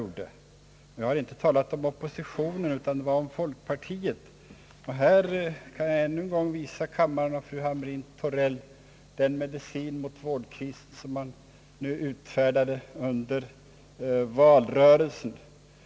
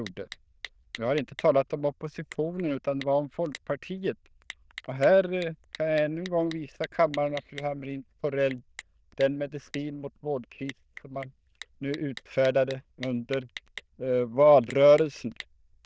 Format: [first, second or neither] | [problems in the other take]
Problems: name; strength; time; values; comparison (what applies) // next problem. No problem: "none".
first | noise reduction (neural diffusion model UNIVERSE++)